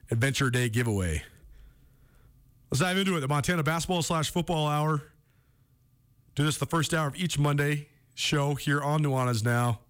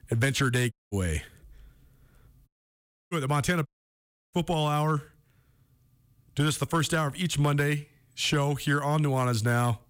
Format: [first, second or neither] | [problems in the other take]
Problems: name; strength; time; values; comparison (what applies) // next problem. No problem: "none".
first | audio cutting out; at 0.5 s, at 2.5 s for 0.5 s and at 3.5 s for 0.5 s